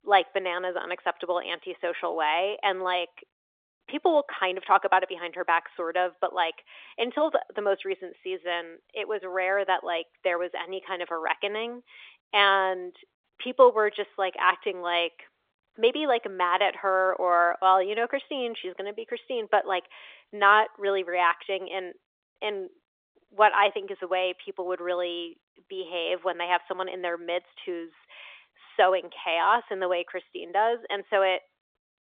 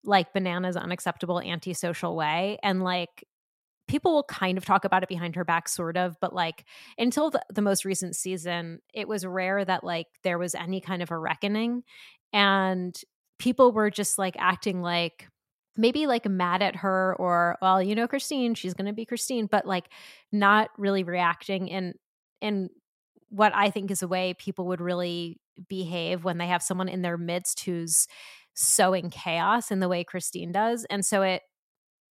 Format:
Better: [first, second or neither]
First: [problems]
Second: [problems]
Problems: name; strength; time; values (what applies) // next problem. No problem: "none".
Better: second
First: phone-call audio; nothing above 3.5 kHz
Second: none